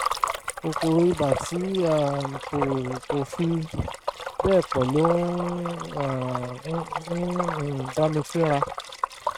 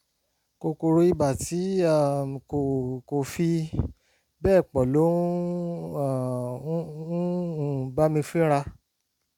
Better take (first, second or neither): second